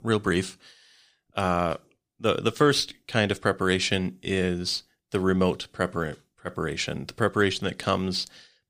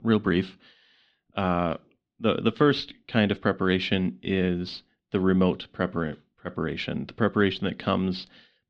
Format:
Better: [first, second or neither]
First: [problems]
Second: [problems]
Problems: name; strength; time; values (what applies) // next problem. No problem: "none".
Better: first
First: none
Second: muffled; slightly; fading above 3.5 kHz